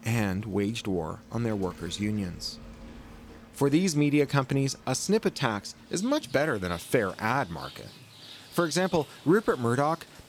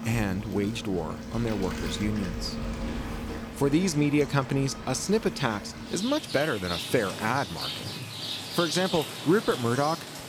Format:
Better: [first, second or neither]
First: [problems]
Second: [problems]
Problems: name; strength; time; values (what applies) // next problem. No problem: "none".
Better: first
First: rain or running water; faint; throughout; 20 dB below the speech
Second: rain or running water; loud; throughout; 7 dB below the speech